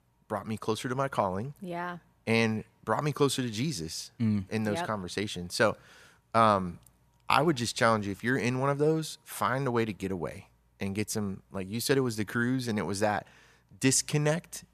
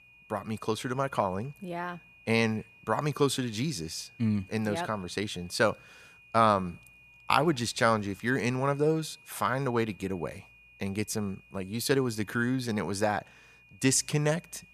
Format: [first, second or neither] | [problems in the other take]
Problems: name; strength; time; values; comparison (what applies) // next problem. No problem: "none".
first | high-pitched whine; faint; throughout; 2.5 kHz, 25 dB below the speech